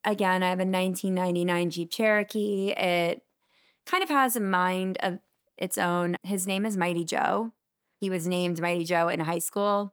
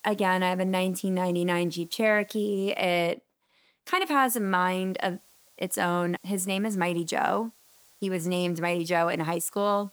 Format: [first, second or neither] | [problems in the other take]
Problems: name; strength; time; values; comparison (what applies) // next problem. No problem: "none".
first | hiss; faint; until 3 s and from 4 s on; 30 dB below the speech